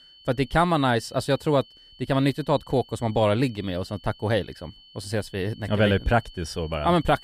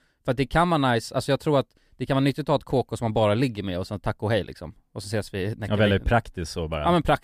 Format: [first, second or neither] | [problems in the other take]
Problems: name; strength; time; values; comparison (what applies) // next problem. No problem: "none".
second | high-pitched whine; faint; throughout; 3 kHz, 25 dB below the speech